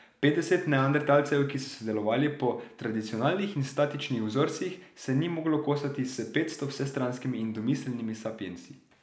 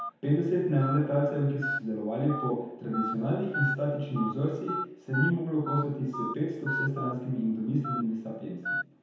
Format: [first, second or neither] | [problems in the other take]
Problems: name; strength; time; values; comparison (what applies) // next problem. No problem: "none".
first | background sound (Telephone); 7 dB below the speech // room echo; dies away in 0.9 s